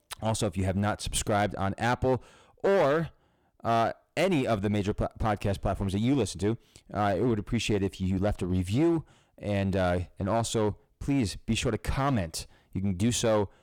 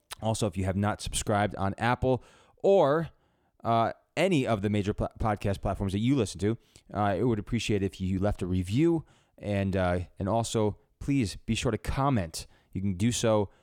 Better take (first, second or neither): second